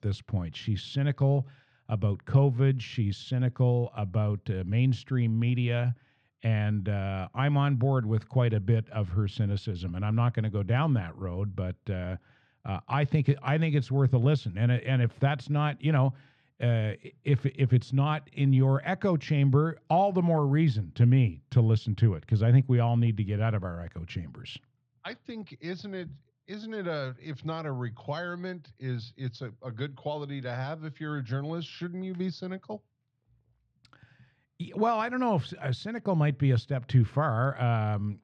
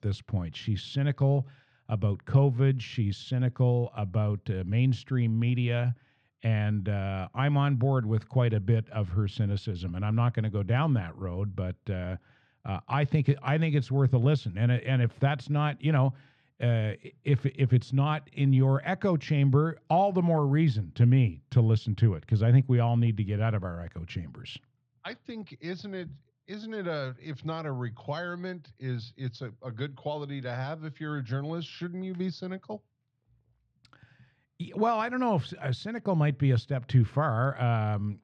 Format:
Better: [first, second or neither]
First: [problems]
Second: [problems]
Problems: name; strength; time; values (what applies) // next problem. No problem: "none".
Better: neither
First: muffled; slightly; fading above 3.5 kHz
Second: muffled; slightly; fading above 3.5 kHz